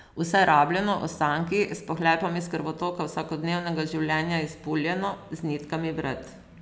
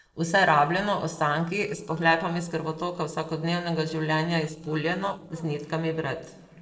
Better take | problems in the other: first | noise reduction (neural separator model SepFormer DNS4)

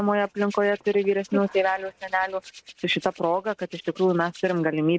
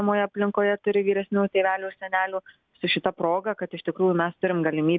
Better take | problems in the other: second | noise reduction (neural mask model RNNoise)

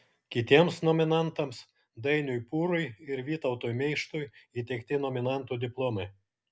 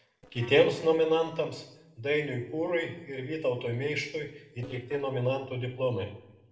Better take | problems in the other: first | noise reduction (neural separator model SepFormer DNS4)

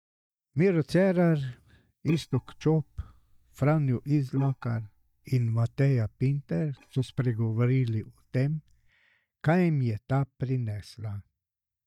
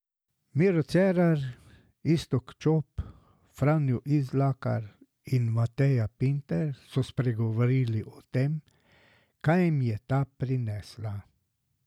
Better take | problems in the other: second | noise reduction (neural mask model DeepFilterNet 3)

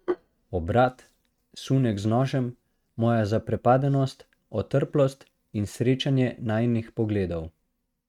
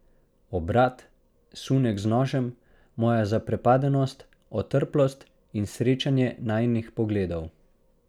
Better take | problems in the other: second | noise reduction (neural mask model RNNoise)

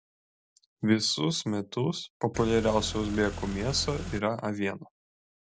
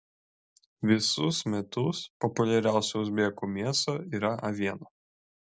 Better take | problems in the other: second | background sound (Car); 8 dB below the speech

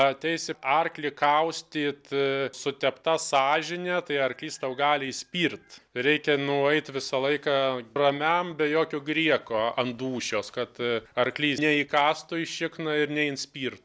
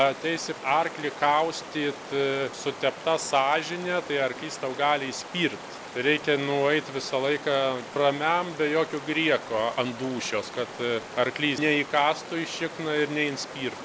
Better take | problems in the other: first | background sound (Stream); 13 dB below the speech

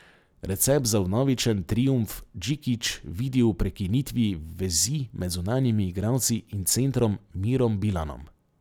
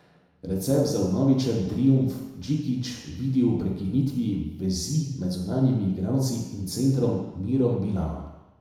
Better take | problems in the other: first | room echo; dies away in 1 s

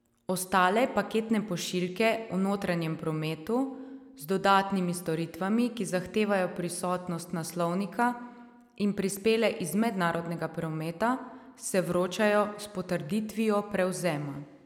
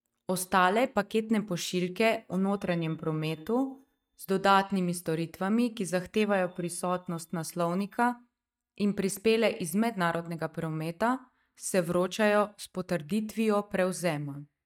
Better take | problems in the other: first | noise reduction (neural mask model DeepFilterNet 3)

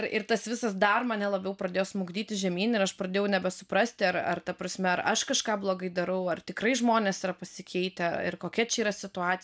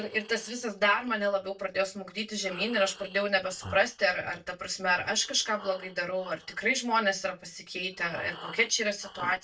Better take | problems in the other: first | noise reduction (neural mask model DeepFilterNet 3)

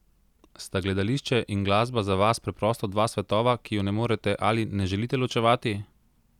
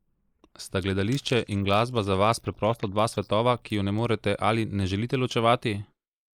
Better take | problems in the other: first | noise reduction (neural mask model Resemble Enhance denoiser)

